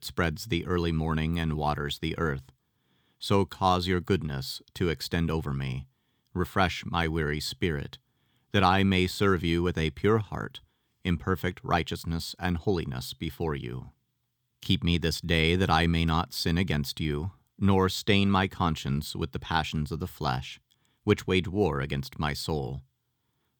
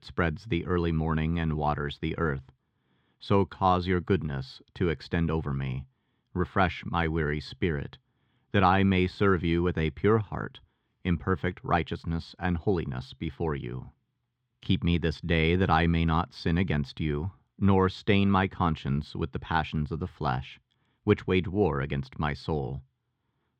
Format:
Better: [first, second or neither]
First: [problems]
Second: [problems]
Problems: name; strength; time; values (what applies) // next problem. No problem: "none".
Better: first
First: none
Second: muffled; slightly; fading above 2.5 kHz